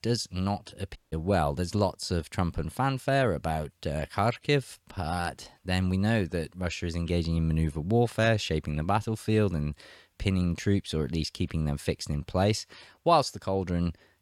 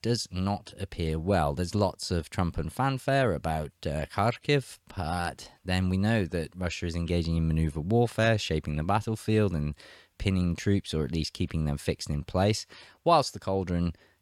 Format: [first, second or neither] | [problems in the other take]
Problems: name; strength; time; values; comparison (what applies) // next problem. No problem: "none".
second | audio cutting out; at 1 s